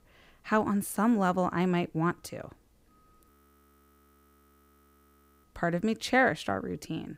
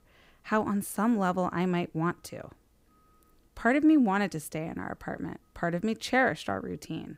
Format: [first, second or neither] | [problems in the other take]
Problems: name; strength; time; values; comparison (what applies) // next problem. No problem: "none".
second | audio freezing; at 3.5 s for 2 s